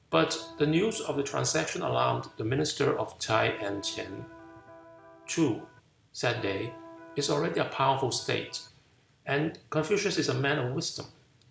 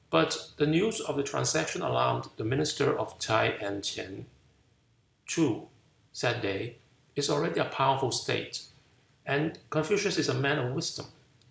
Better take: second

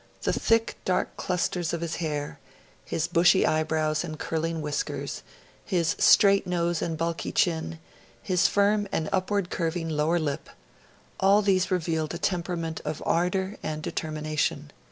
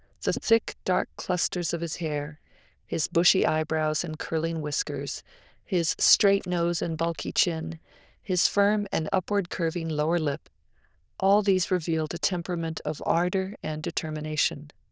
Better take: first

